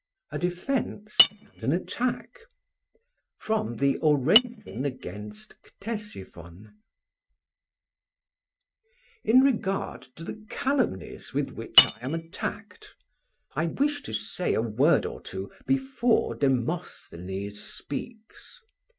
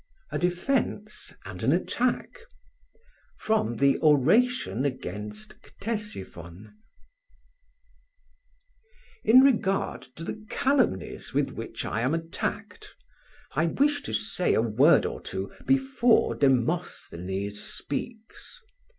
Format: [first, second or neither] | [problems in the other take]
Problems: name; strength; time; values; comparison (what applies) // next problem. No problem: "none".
second | noise reduction (neural mask model RNNoise)